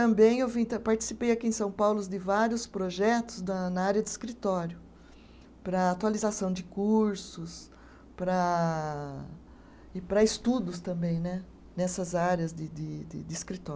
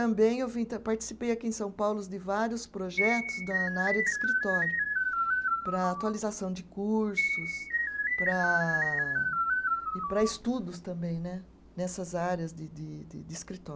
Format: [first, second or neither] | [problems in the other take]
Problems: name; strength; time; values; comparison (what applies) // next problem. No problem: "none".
first | background sound (Keyboard (musical)); 3 dB above the speech